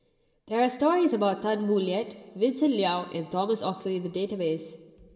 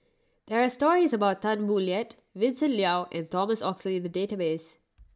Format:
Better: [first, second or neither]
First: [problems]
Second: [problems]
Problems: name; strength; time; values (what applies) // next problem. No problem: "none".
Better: second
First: room echo; dies away in 2 s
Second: none